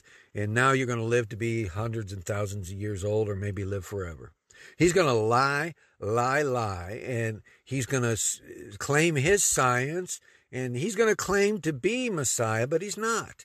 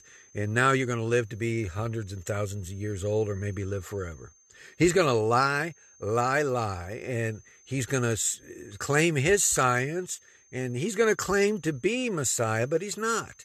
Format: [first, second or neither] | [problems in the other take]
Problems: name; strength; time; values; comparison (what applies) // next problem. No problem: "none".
first | high-pitched whine; faint; throughout; 6.5 kHz, 30 dB below the speech